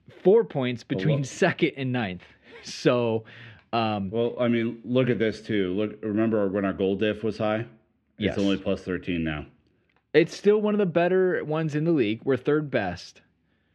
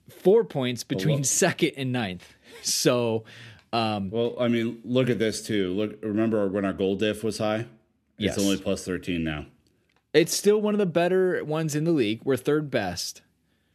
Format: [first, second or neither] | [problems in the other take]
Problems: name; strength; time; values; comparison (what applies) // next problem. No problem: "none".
second | muffled; slightly; fading above 2.5 kHz